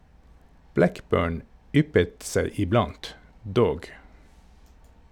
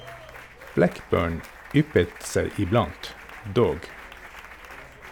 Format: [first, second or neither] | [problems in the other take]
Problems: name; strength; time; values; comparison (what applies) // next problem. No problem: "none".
first | background sound (Applause); 17 dB below the speech